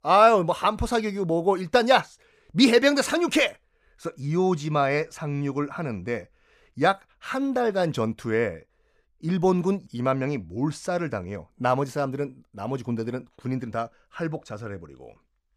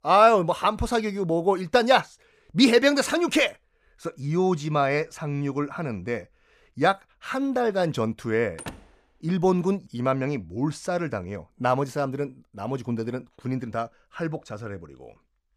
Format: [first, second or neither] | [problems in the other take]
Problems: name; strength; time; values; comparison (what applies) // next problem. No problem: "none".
first | door banging; faint; at 8.5 s; peak 15 dB below the speech